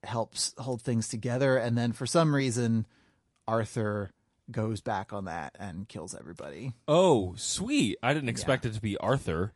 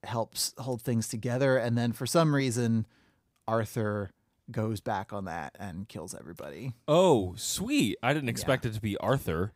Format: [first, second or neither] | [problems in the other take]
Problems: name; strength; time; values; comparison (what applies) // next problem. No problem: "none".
second | garbled, watery; slightly; nothing above 11 kHz